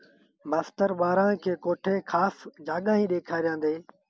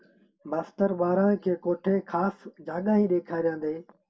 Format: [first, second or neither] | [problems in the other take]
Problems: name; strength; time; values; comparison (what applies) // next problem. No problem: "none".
first | room echo; dies away in 0.2 s